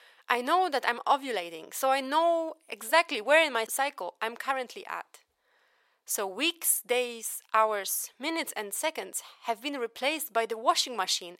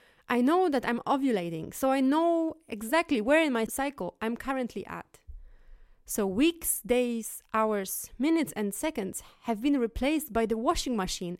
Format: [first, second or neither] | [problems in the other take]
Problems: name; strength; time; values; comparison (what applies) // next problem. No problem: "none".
second | thin; very; fading below 750 Hz